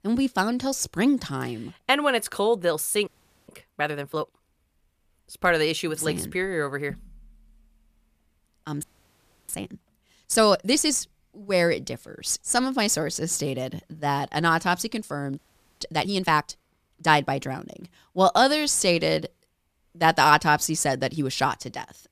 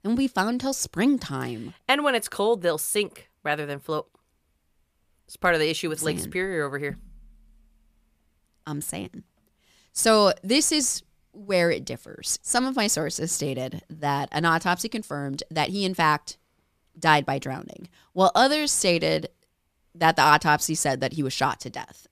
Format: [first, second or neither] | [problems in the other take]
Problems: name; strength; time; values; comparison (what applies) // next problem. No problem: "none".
second | audio freezing; at 3 s, at 9 s for 0.5 s and at 15 s